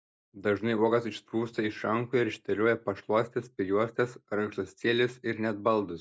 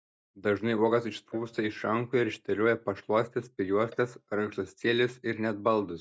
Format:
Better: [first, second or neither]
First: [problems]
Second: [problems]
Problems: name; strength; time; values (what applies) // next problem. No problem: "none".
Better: first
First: none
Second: noise reduction (neural mask model DeepFilterNet 3)